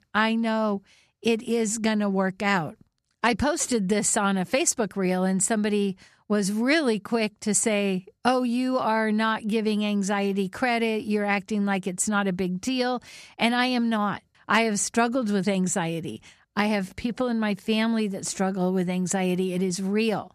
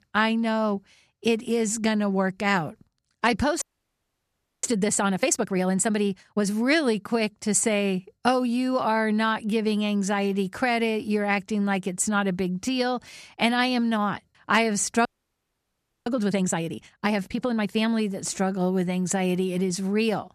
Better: first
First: none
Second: audio freezing; at 3.5 s for 1 s and at 15 s for 1 s

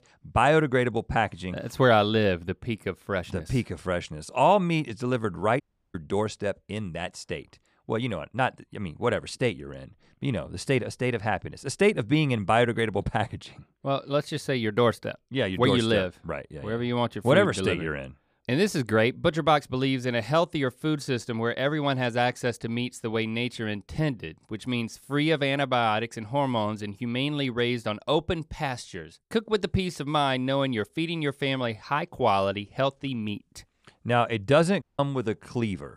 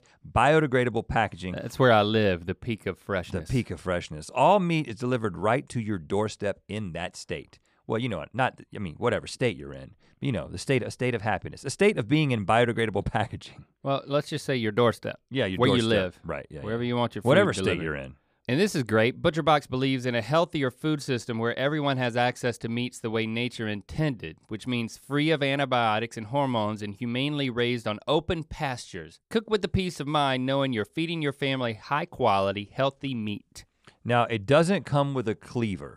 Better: second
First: audio cutting out; at 5.5 s and at 35 s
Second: none

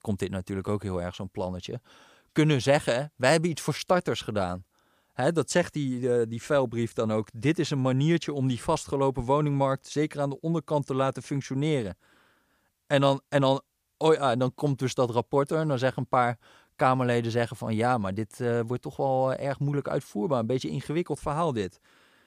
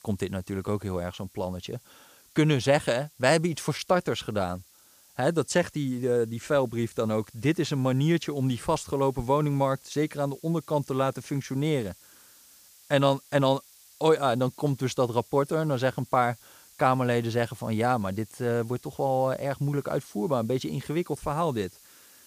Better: first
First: none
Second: hiss; faint; throughout; 25 dB below the speech

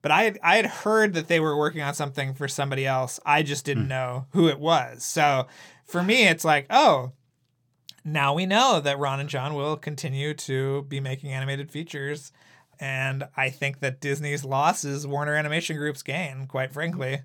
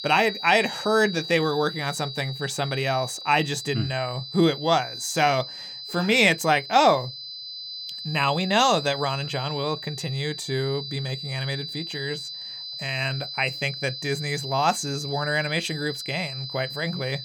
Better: first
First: none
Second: high-pitched whine; loud; throughout; 4 kHz, 9 dB below the speech

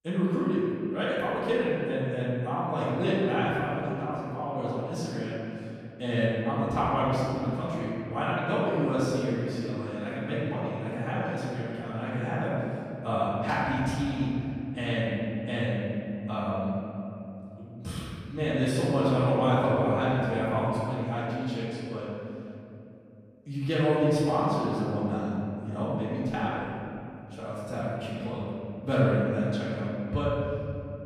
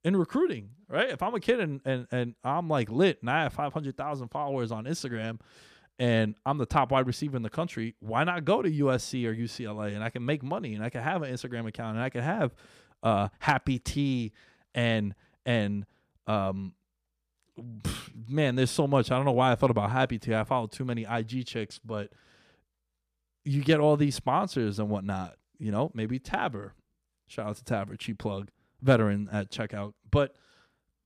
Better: second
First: off-mic speech; far // room echo; strong; dies away in 2.8 s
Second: none

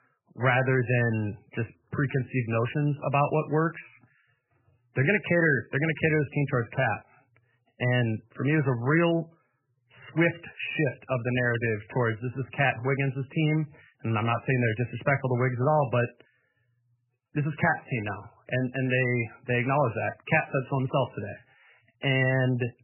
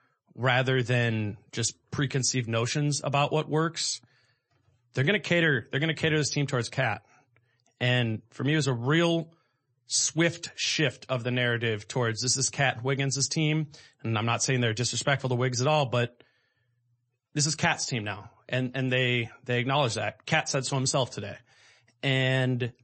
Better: second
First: garbled, watery; badly; nothing above 3 kHz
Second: garbled, watery; slightly; nothing above 8 kHz

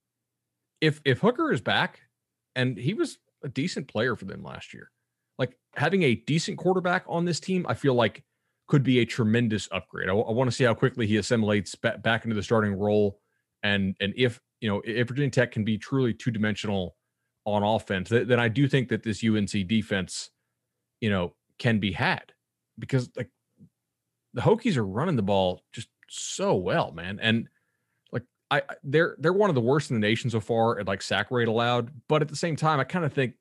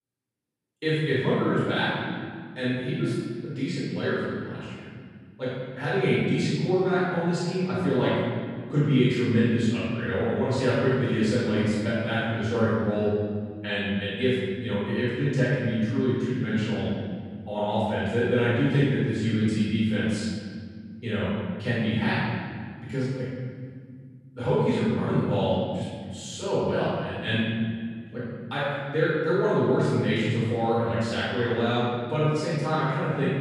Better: first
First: none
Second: off-mic speech; far // room echo; strong; dies away in 2.1 s

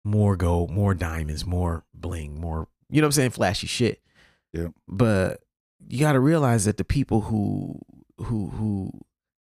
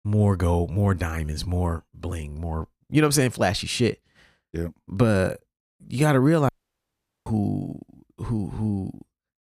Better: first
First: none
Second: audio cutting out; at 6.5 s for 1 s

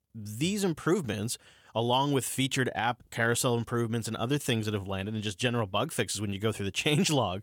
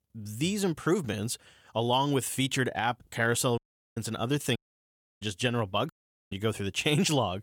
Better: first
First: none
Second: audio cutting out; at 3.5 s, at 4.5 s for 0.5 s and at 6 s

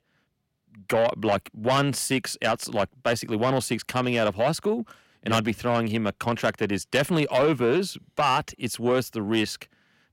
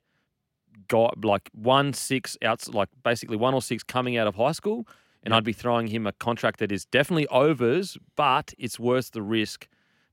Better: second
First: distortion; slight; 10 dB below the speech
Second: none

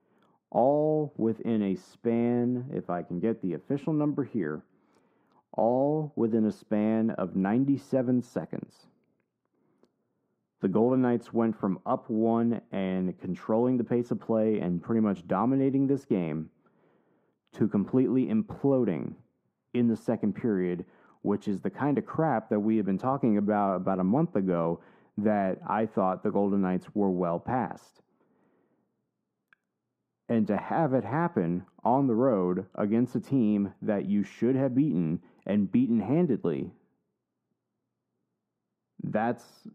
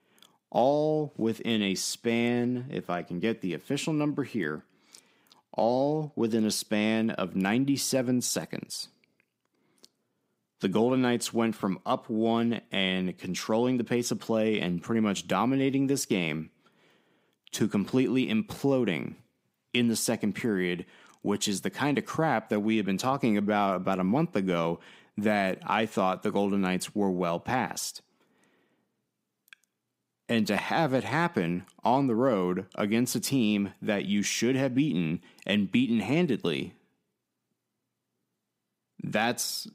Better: second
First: muffled; very; fading above 2 kHz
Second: none

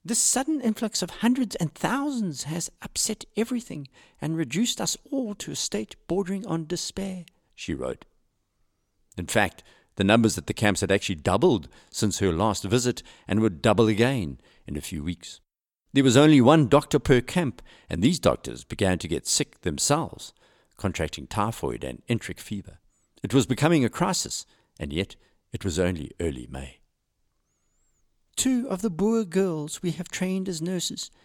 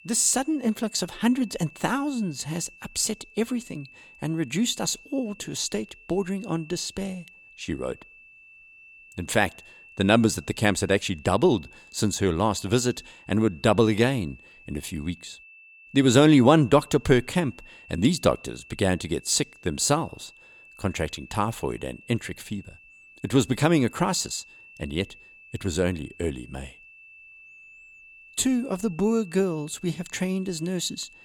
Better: first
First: none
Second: high-pitched whine; faint; throughout; 2.5 kHz, 25 dB below the speech

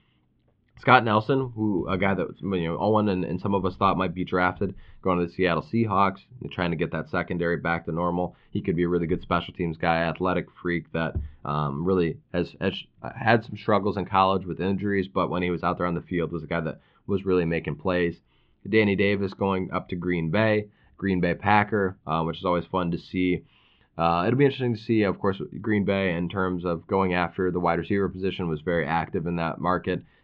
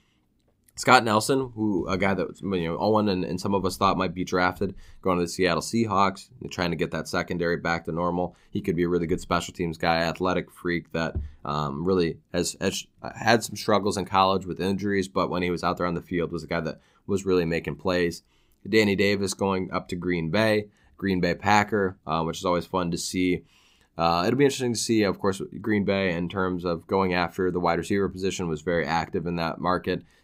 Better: second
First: muffled; very; fading above 3.5 kHz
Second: none

